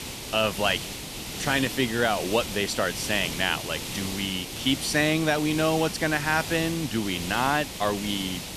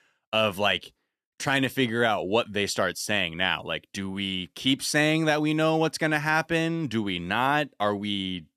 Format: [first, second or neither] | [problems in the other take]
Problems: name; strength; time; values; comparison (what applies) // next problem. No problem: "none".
second | hiss; loud; throughout; 7 dB below the speech